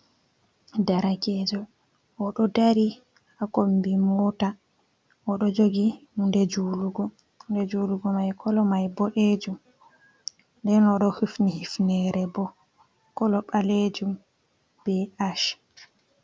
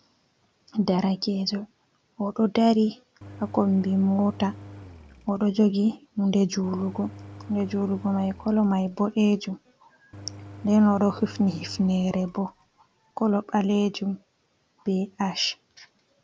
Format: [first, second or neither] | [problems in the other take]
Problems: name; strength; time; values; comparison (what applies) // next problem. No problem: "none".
first | background sound (Engine); 19 dB below the speech